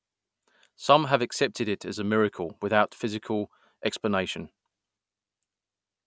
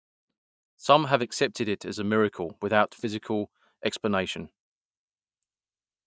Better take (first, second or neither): first